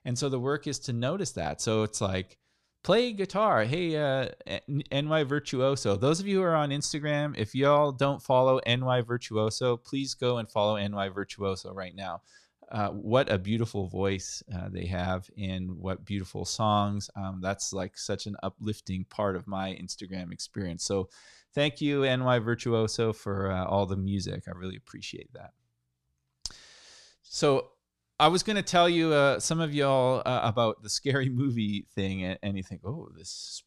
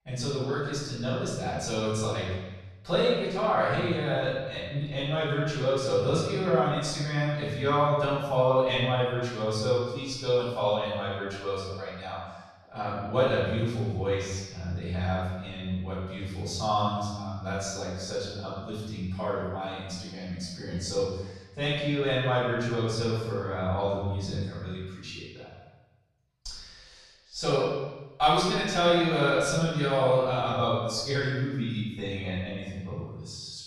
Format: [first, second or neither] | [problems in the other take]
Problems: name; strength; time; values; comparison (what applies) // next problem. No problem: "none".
first | off-mic speech; far // room echo; strong; dies away in 1.1 s